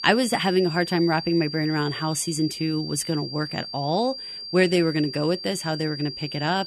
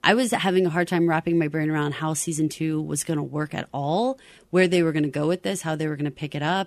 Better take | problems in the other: second | high-pitched whine; loud; throughout; 4.5 kHz, 9 dB below the speech

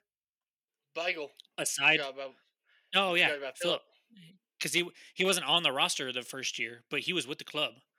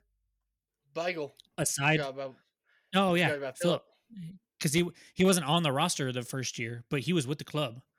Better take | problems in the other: second | thin; somewhat; fading below 300 Hz

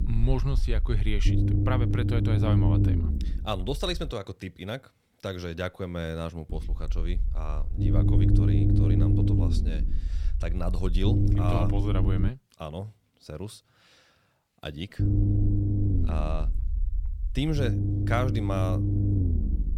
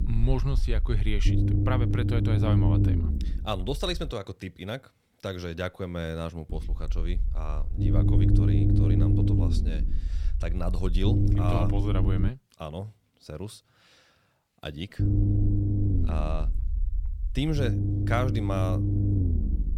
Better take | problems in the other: neither | low rumble; loud; until 4 s, from 6.5 to 12 s and from 15 s on; as loud as the speech; the same in both

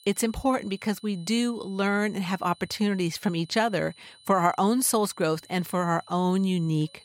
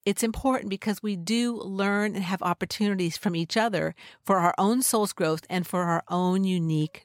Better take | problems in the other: second | high-pitched whine; faint; throughout; 4 kHz, 25 dB below the speech

